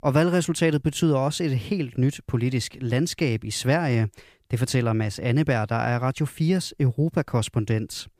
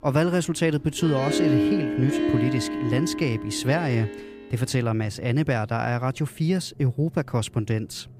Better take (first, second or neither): first